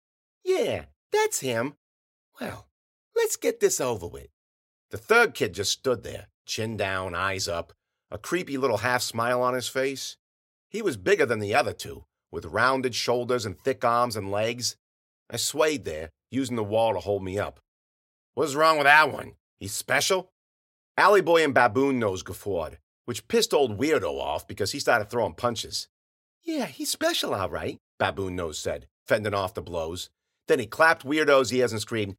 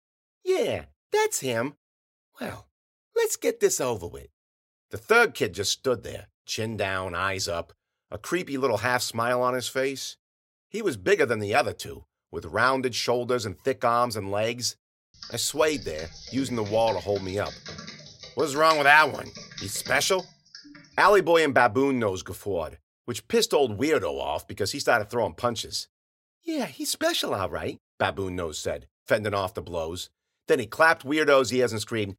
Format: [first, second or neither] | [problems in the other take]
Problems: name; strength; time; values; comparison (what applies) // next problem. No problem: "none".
first | keyboard typing; noticeable; from 15 to 21 s; peak 10 dB below the speech